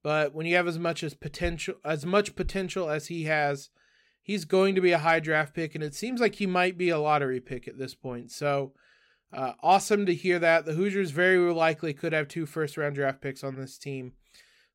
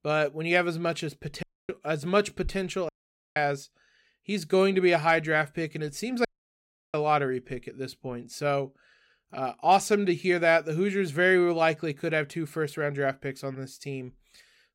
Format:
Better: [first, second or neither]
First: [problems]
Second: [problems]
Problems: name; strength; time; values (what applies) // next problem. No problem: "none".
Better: first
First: none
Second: audio cutting out; at 1.5 s, at 3 s and at 6.5 s for 0.5 s